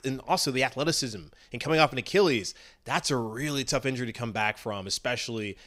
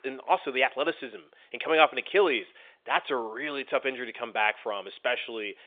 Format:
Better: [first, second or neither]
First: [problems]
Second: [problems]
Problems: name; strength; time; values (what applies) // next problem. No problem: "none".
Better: first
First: none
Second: phone-call audio